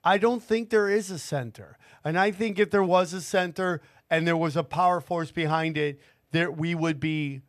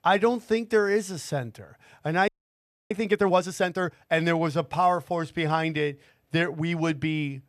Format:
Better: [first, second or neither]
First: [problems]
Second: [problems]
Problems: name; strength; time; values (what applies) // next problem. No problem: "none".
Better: first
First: none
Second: audio freezing; at 2.5 s for 0.5 s